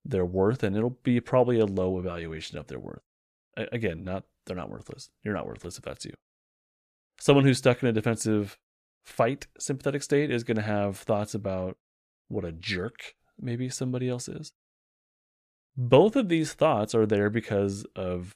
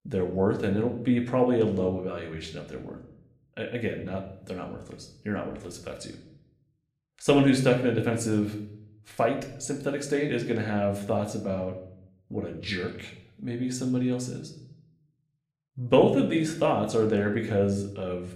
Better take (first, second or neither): first